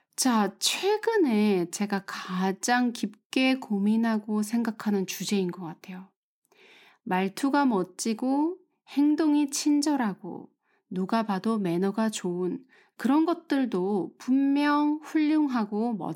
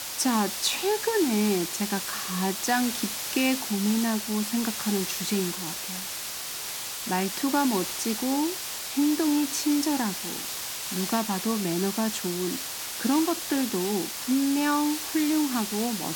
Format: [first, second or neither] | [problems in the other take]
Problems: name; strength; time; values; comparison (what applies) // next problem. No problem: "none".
first | hiss; loud; throughout; 4 dB below the speech